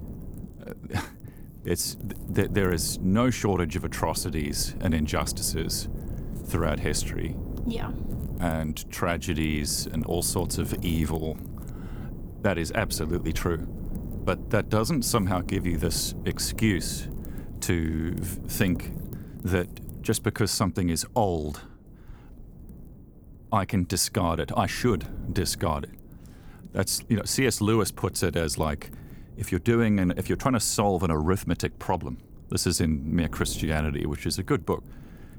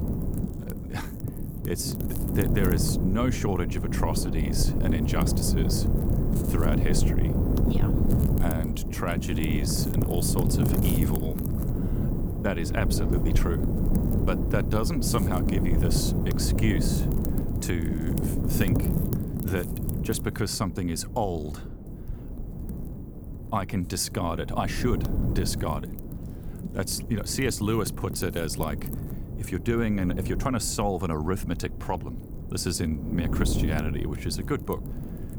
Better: first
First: wind noise on the microphone; occasional gusts; 20 dB below the speech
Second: wind noise on the microphone; heavy; 4 dB below the speech

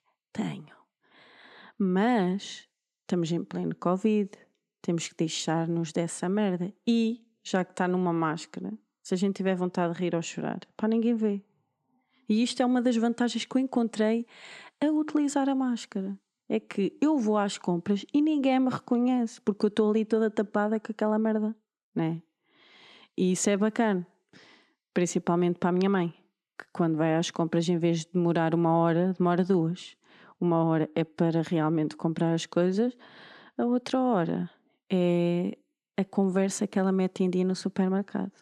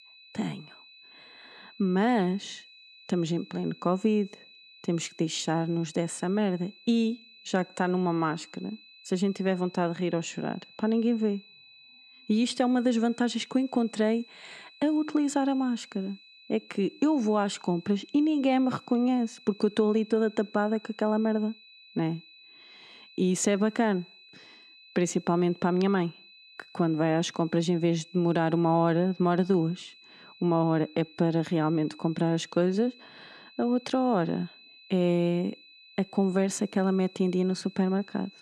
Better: first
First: none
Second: high-pitched whine; faint; throughout; 4 kHz, 25 dB below the speech

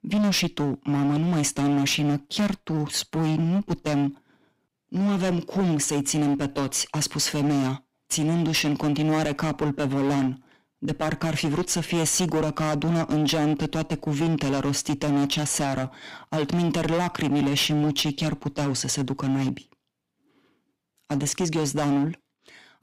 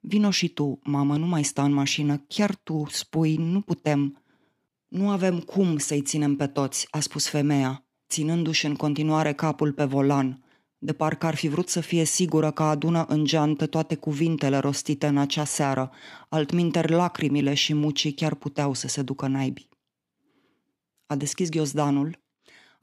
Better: second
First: distortion; heavy; 16% of the sound clipped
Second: none

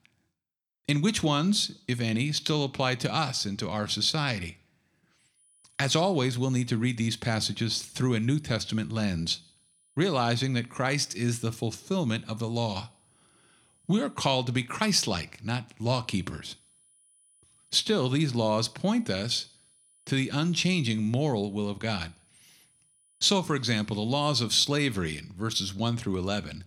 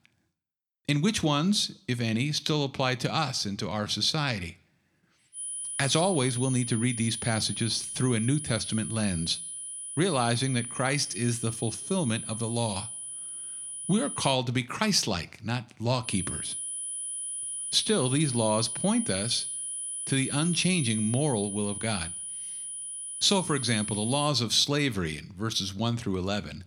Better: first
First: high-pitched whine; faint; from 5.5 to 14 s and from 16 to 24 s; 10 kHz, 35 dB below the speech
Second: high-pitched whine; loud; from 5.5 to 14 s and from 16 to 24 s; 10 kHz, 6 dB below the speech

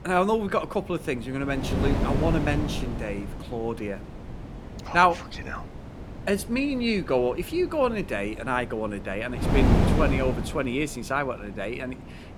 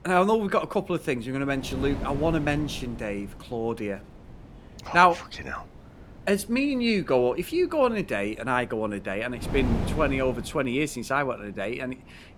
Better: second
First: wind noise on the microphone; heavy; 9 dB below the speech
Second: wind noise on the microphone; occasional gusts; 15 dB below the speech

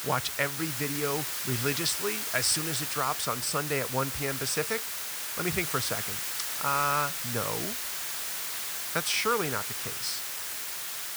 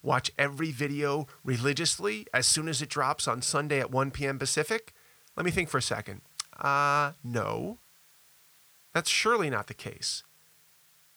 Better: second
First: hiss; loud; throughout; 1 dB below the speech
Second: hiss; faint; throughout; 30 dB below the speech

